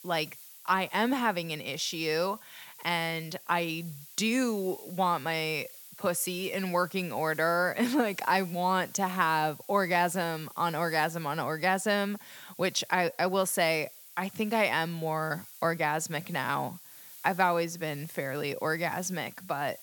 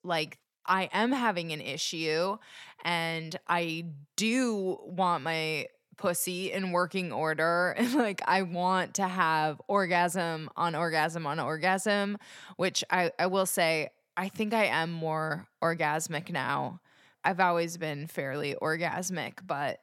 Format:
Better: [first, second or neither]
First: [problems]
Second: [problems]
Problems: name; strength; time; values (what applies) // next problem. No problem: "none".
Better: second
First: hiss; noticeable; throughout; 15 dB below the speech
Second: none